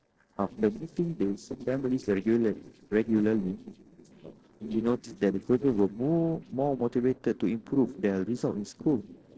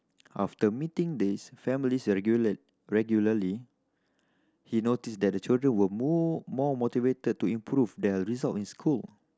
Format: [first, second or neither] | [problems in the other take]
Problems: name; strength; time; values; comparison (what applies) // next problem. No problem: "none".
second | noise reduction (neural separator model SepFormer DNS4)